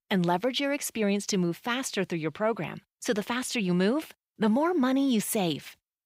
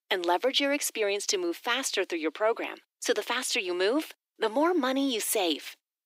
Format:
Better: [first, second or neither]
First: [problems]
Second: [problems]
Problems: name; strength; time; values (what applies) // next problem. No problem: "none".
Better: first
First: none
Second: thin; somewhat; fading below 300 Hz